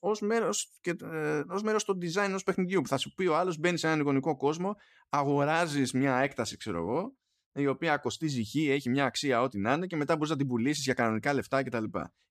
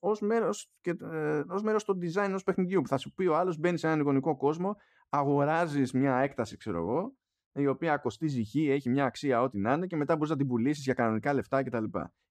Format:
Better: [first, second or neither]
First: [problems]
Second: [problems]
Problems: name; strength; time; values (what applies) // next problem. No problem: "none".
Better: first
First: none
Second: muffled; slightly; fading above 2 kHz